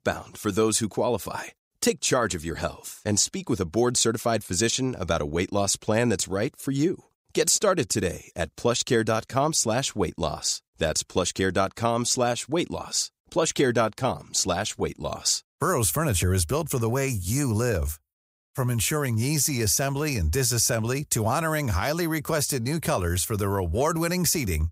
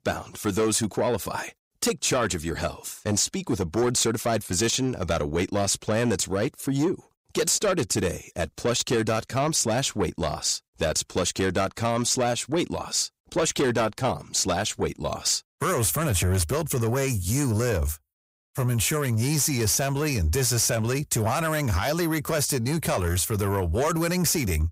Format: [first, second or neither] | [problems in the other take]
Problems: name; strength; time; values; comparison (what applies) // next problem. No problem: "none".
first | distortion; slight; 10 dB below the speech